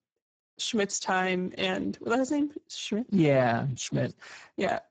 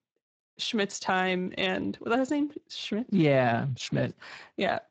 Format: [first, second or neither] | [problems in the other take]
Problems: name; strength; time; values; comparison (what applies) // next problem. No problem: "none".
second | garbled, watery; badly; nothing above 7.5 kHz; slightly in the second